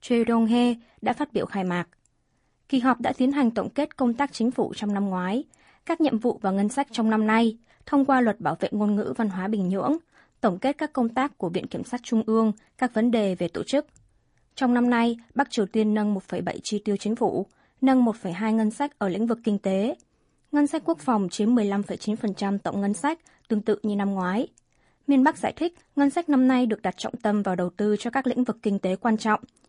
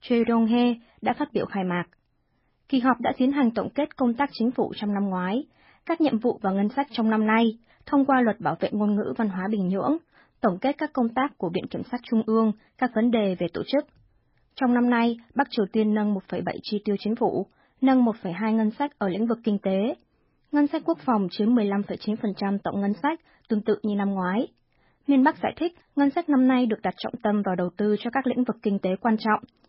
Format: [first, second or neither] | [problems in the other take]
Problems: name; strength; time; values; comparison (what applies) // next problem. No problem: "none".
first | garbled, watery; badly; nothing above 5.5 kHz; slightly in the first